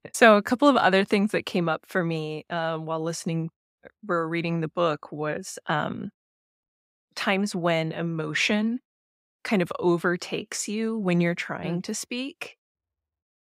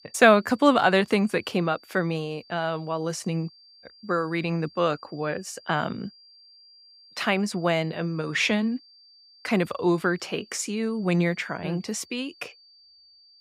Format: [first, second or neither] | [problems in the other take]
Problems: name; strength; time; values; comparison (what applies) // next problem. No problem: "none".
first | high-pitched whine; faint; throughout; 4.5 kHz, 25 dB below the speech